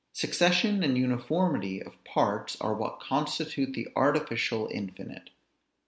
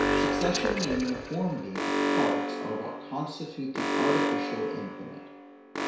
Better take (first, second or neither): first